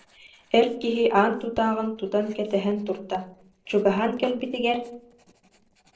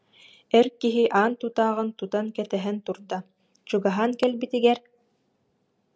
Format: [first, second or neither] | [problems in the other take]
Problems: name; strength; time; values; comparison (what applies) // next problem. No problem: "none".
second | noise reduction (neural separator model SepFormer DNS4)